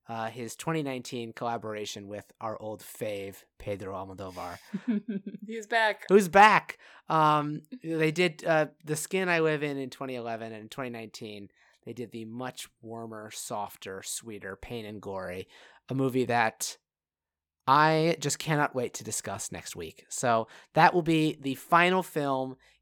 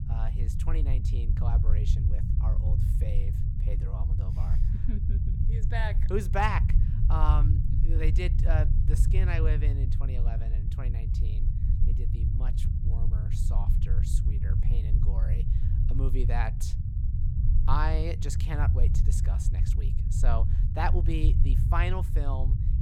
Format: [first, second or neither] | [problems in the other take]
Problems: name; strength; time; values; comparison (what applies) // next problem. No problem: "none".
first | low rumble; loud; throughout; 8 dB below the speech